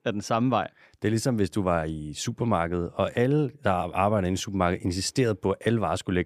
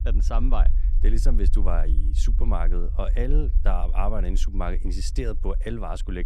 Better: first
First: none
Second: low rumble; noticeable; throughout; 15 dB below the speech

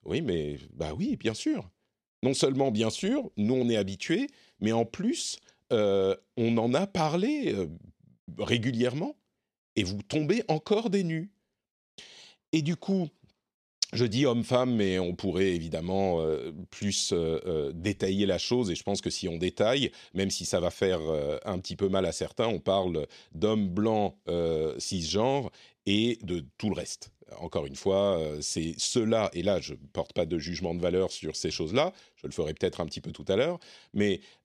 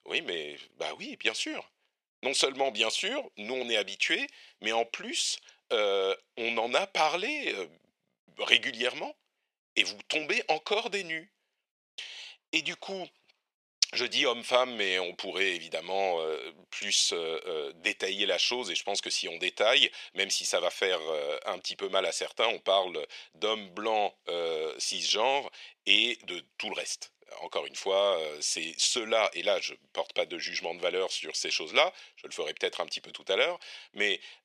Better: first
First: none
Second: thin; very; fading below 700 Hz

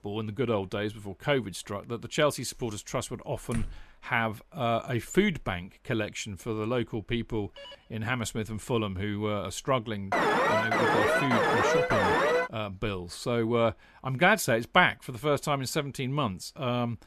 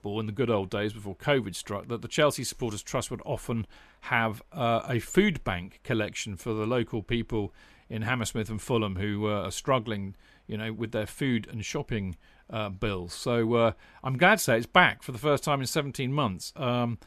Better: second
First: door banging; faint; at 3.5 s; peak 10 dB below the speech // phone ringing; faint; at 7.5 s; peak 15 dB below the speech // alarm; loud; from 10 to 12 s; peak 6 dB above the speech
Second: none

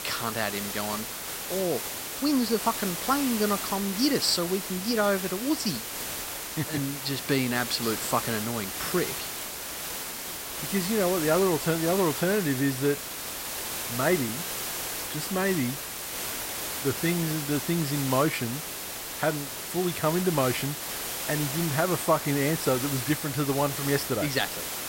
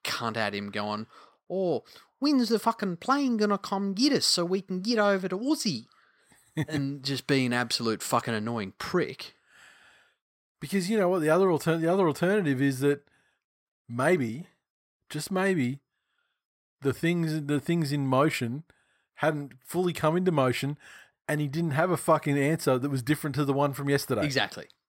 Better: second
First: hiss; loud; throughout; 4 dB below the speech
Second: none

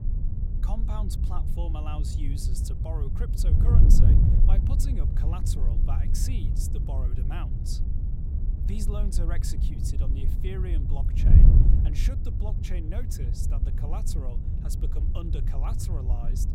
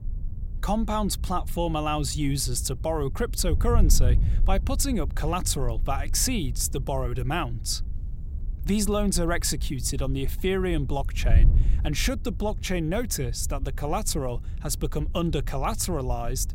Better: second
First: wind noise on the microphone; heavy; as loud as the speech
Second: wind noise on the microphone; occasional gusts; 20 dB below the speech

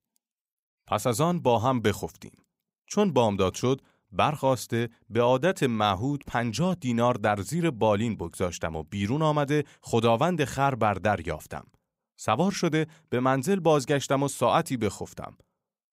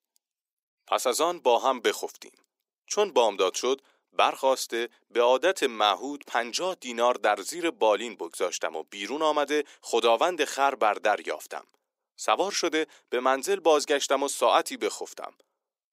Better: first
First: none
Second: thin; very; fading below 350 Hz

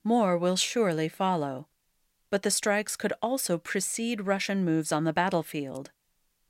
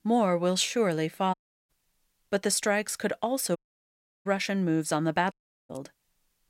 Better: first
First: none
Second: audio cutting out; at 1.5 s, at 3.5 s for 0.5 s and at 5.5 s

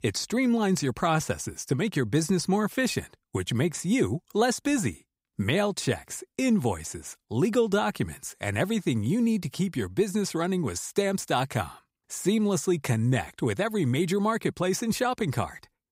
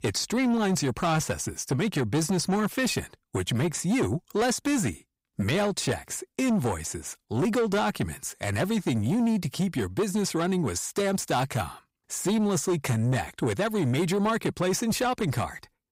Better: first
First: none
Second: distortion; slight; 10 dB below the speech

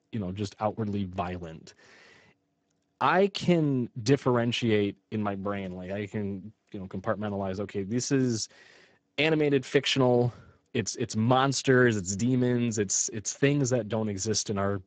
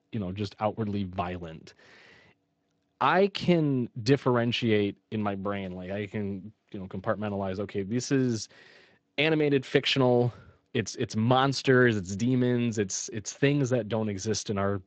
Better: second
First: garbled, watery; badly; nothing above 7.5 kHz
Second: garbled, watery; slightly

